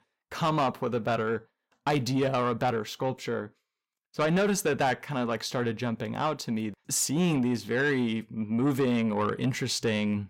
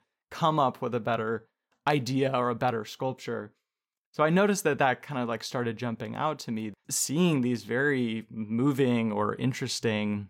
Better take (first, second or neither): second